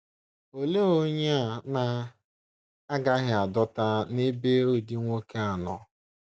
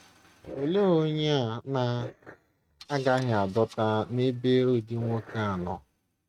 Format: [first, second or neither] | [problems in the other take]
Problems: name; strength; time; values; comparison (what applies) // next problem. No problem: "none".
first | noise reduction (neural mask model RNNoise)